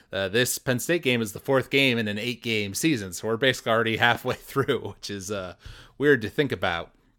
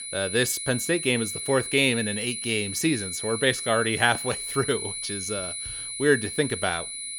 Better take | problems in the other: first | high-pitched whine; loud; throughout; 10 kHz, 5 dB below the speech

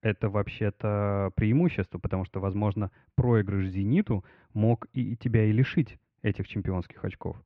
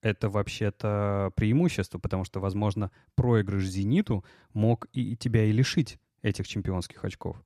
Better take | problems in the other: second | muffled; very; fading above 2.5 kHz

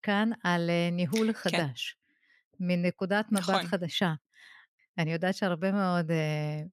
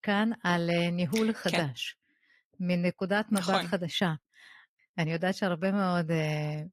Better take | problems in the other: first | garbled, watery; slightly; nothing above 14.5 kHz

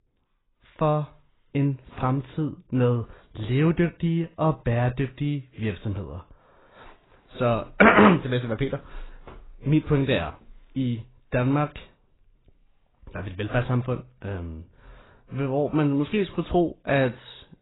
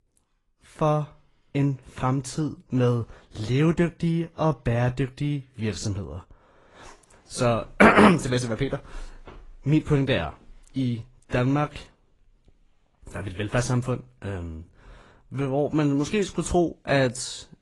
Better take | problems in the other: second | garbled, watery; badly; nothing above 4 kHz; slightly in the second

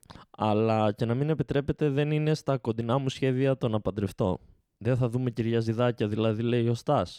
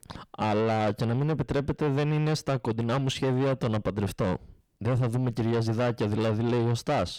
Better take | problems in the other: first | distortion; heavy; 7 dB below the speech

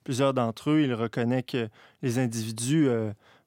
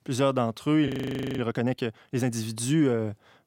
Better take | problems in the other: first | audio freezing; at 1 s

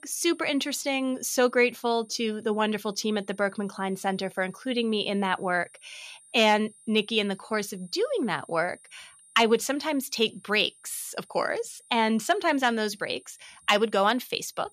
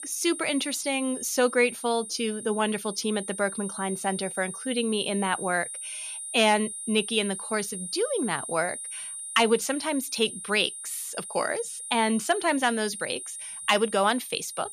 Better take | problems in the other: first | high-pitched whine; loud; throughout; 9 kHz, 8 dB below the speech; faint in the first

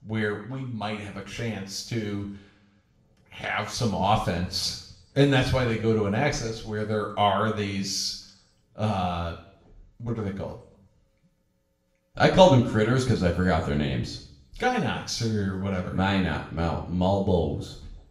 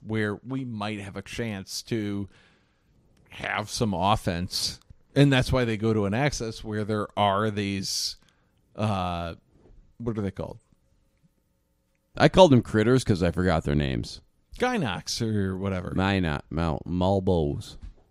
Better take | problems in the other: second | room echo; slight; dies away in 0.6 s // off-mic speech; far

